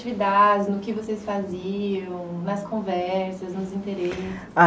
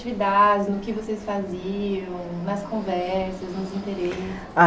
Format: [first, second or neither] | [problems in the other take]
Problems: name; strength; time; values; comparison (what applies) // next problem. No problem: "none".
first | background sound (Fixed-wing aircraft, airplane); 18 dB below the speech